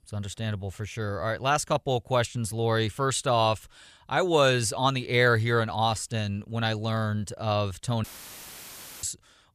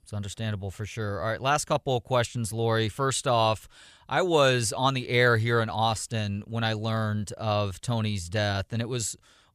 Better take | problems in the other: second | audio cutting out; filled with static; at 8 s for 1 s

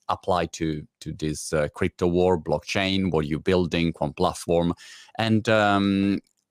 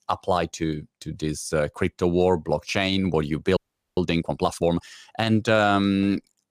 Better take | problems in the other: first | audio freezing; at 3.5 s

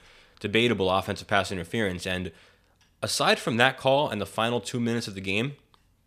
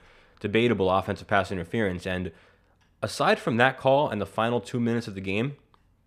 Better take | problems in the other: first | muffled; slightly; fading above 2.5 kHz

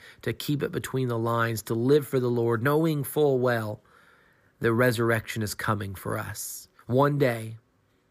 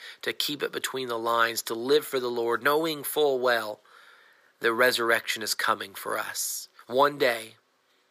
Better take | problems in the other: first | thin; very; fading below 500 Hz

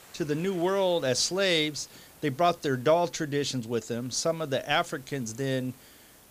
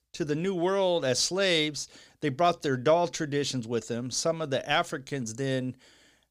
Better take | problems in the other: second | hiss; faint; throughout; 25 dB below the speech

